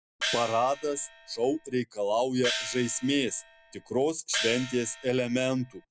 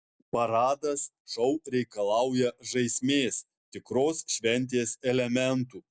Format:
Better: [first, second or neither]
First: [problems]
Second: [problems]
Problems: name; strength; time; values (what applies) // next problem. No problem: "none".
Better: second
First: background sound (Gong); 8 dB below the speech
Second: none